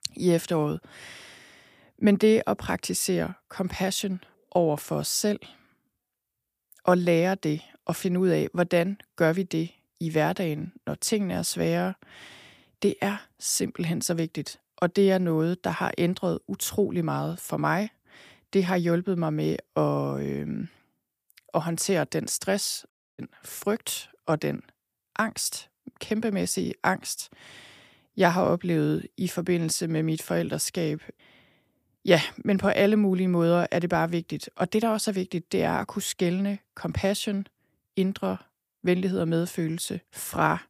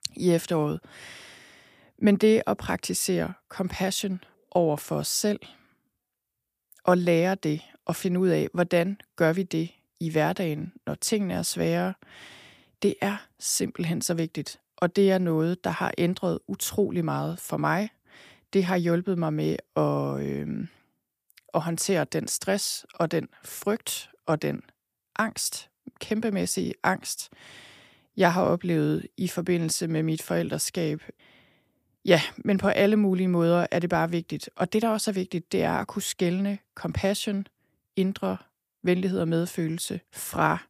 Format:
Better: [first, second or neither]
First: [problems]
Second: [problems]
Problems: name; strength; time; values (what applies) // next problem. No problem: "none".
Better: second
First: audio cutting out; at 23 s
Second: none